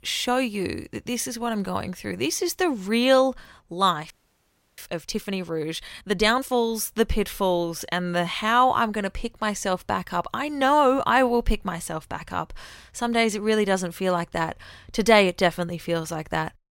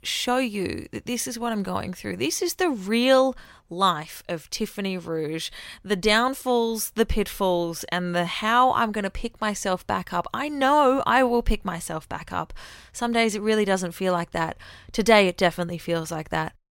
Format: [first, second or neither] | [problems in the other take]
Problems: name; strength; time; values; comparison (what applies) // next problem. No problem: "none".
second | audio freezing; at 4 s for 0.5 s